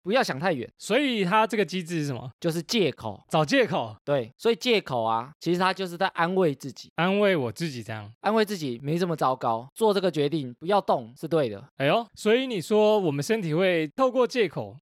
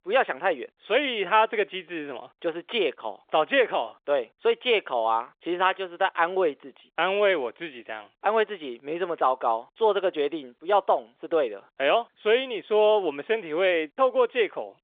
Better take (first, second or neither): first